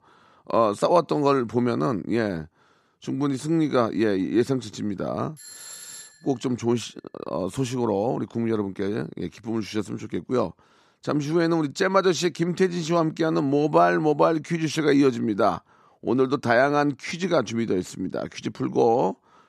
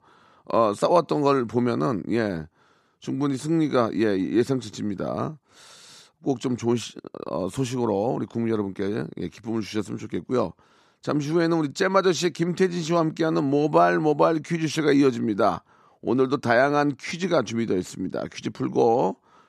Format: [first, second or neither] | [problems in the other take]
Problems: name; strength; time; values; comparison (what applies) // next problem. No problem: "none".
second | doorbell; faint; at 5.5 s; peak 15 dB below the speech